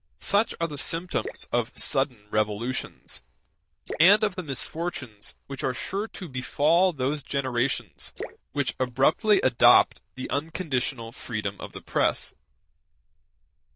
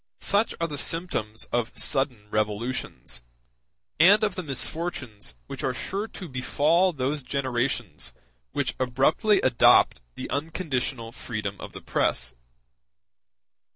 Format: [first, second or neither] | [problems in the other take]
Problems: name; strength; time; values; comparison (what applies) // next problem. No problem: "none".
second | noise reduction (neural diffusion model UNIVERSE++)